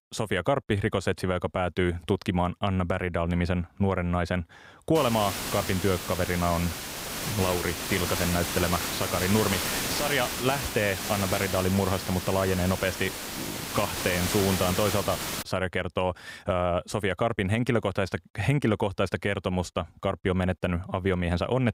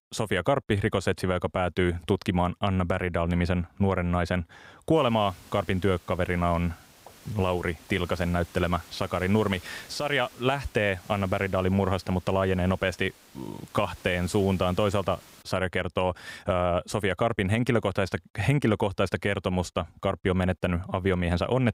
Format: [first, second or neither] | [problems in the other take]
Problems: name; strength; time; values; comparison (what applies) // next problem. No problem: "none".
second | hiss; loud; from 5 to 15 s; 3 dB below the speech; faint in the second